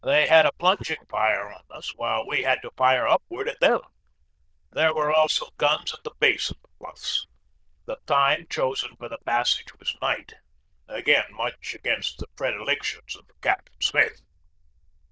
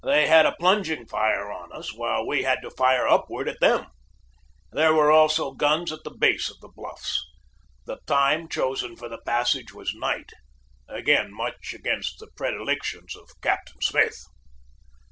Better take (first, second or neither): second